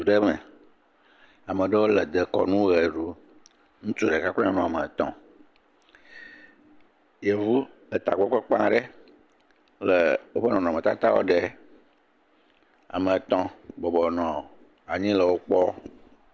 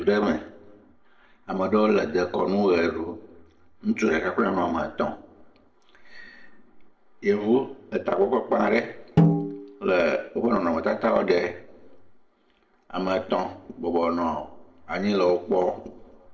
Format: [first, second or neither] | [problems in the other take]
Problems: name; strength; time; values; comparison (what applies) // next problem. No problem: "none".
first | noise reduction (neural separator model SepFormer DNS4)